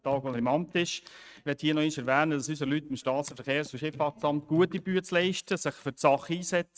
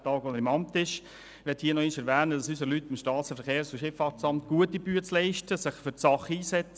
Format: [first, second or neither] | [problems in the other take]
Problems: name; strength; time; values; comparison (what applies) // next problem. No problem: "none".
second | noise reduction (neural mask model RNNoise)